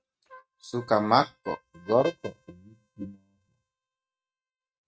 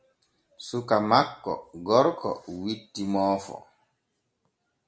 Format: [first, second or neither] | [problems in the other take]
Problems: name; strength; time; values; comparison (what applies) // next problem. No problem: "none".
second | noise reduction (neural mask model RNNoise)